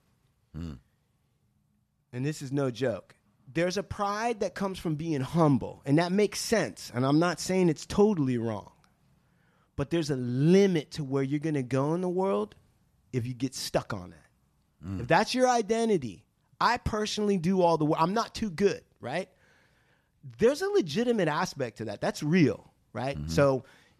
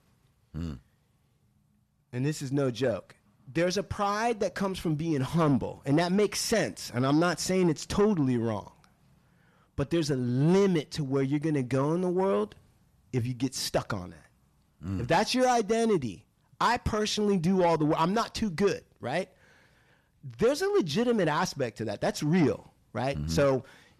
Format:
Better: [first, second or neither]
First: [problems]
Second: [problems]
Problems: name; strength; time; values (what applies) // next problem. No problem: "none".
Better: first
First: none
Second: distortion; slight; 10 dB below the speech